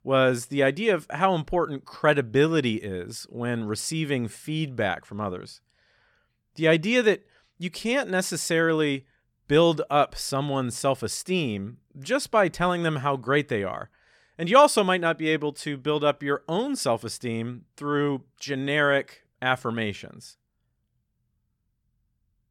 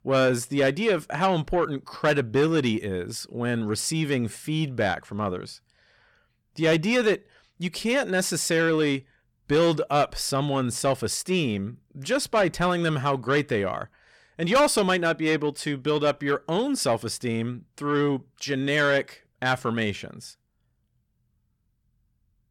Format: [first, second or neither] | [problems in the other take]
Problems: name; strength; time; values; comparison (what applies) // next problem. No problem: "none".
first | distortion; slight; 10 dB below the speech